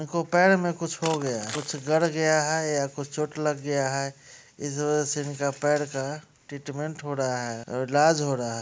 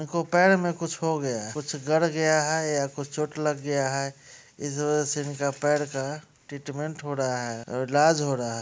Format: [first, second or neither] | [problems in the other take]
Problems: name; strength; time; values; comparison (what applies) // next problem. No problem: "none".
second | background sound (Crushing); 15 dB below the speech